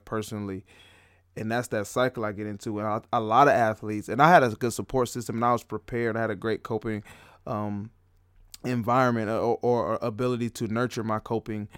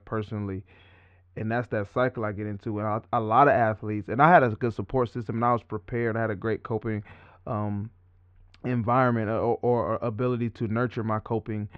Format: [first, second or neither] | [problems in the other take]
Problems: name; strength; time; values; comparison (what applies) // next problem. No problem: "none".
first | muffled; very; fading above 3 kHz